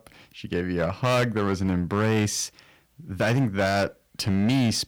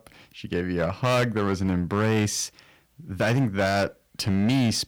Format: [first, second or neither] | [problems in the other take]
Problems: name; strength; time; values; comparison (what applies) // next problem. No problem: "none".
neither | distortion; slight; 12% of the sound clipped; the same in both